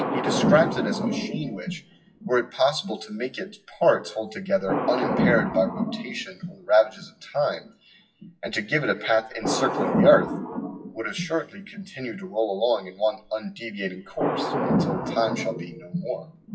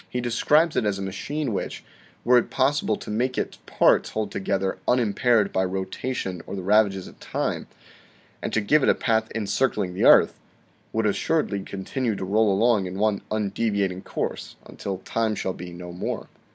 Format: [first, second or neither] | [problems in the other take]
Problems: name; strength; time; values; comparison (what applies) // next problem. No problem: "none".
second | noise reduction (classical method WPE with log-MMSE)